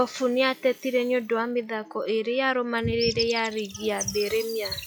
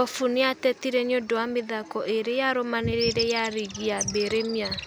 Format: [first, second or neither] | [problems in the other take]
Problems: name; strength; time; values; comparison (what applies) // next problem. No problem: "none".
second | noise reduction (classical method log-MMSE)